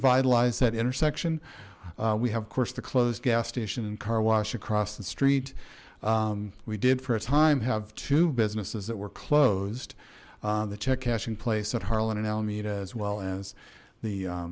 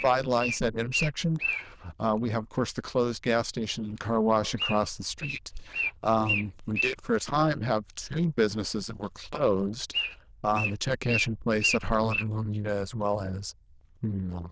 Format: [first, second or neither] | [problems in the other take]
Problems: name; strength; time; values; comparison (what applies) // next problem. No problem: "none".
first | noise reduction (neural diffusion model UNIVERSE++)